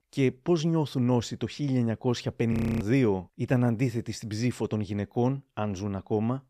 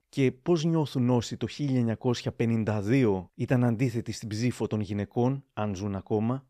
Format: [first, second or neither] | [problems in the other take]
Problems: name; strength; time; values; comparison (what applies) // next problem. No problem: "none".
second | audio freezing; at 2.5 s